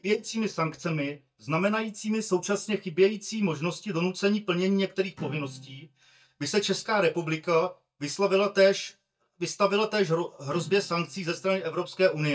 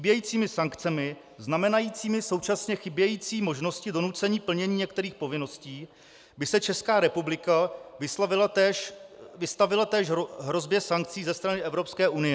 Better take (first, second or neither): second